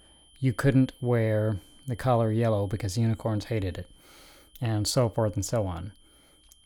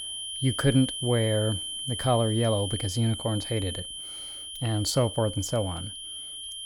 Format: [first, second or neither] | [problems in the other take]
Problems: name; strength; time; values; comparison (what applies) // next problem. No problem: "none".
first | high-pitched whine; loud; throughout; 3 kHz, 6 dB below the speech; faint in the first